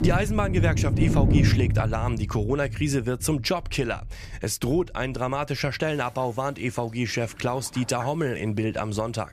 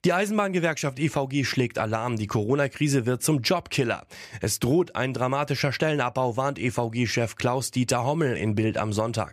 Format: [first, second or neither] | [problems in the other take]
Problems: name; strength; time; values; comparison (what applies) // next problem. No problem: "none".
second | rain or running water; very loud; throughout; 2 dB above the speech